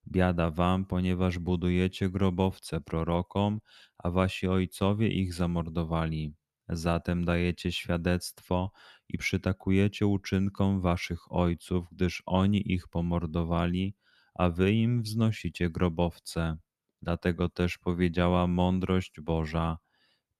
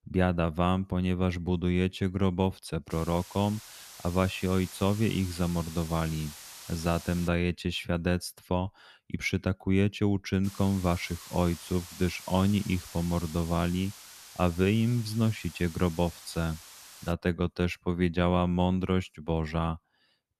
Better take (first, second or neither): first